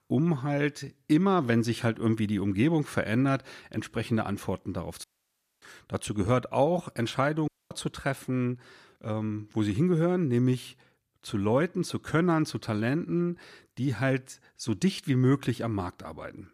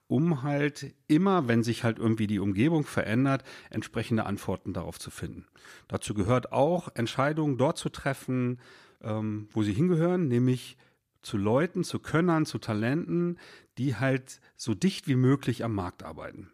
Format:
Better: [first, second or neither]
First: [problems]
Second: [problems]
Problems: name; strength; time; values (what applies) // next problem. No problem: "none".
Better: second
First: audio cutting out; at 5 s for 0.5 s and at 7.5 s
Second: none